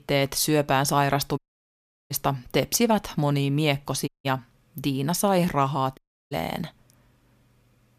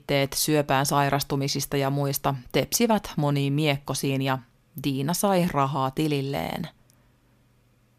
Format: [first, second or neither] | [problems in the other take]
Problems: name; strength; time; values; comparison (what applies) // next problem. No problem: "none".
second | audio cutting out; at 1.5 s for 0.5 s, at 4 s and at 6 s